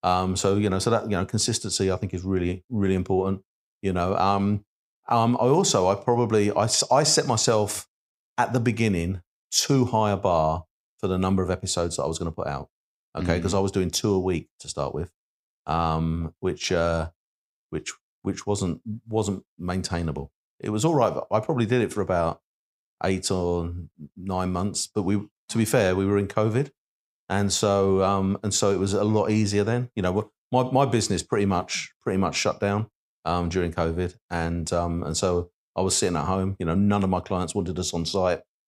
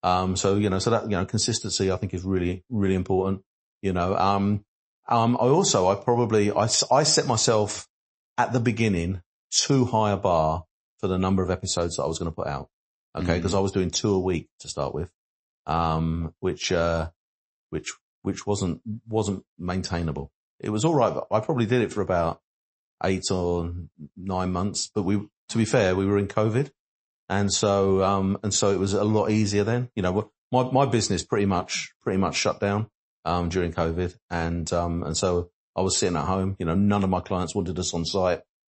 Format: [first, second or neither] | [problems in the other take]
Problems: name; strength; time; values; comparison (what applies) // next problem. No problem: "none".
first | garbled, watery; slightly; nothing above 8 kHz